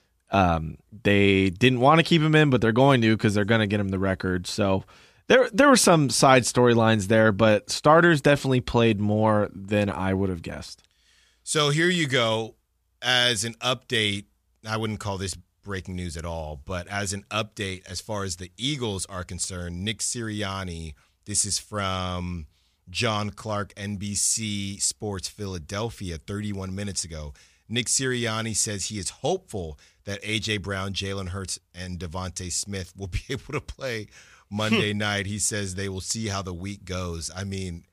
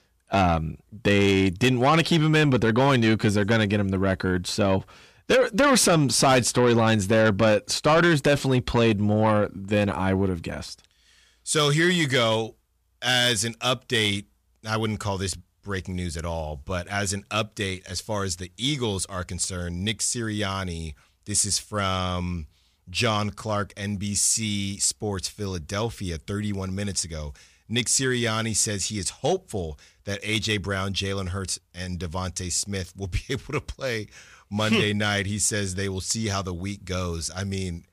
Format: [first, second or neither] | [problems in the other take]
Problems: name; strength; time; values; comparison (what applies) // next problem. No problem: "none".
first | distortion; slight; 10 dB below the speech